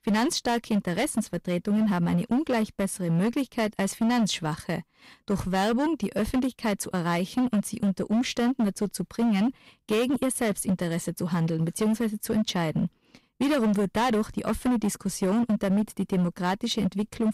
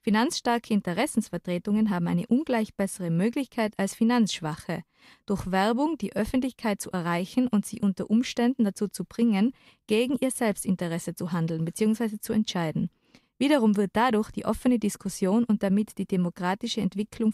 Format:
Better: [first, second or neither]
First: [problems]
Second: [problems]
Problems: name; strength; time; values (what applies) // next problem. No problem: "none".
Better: second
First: distortion; slight; 15% of the sound clipped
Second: none